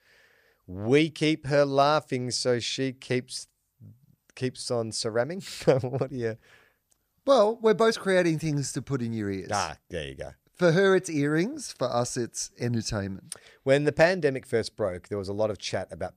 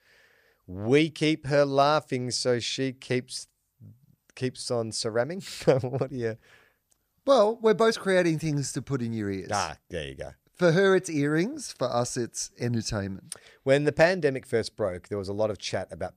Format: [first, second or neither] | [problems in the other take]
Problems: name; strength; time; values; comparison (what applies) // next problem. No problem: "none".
neither | none